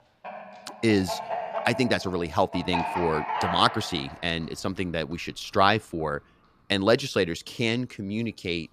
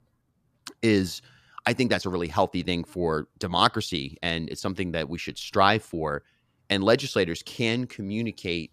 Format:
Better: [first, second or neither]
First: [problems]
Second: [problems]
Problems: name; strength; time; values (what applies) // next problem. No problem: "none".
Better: second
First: animal sounds; loud; throughout; 7 dB below the speech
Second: none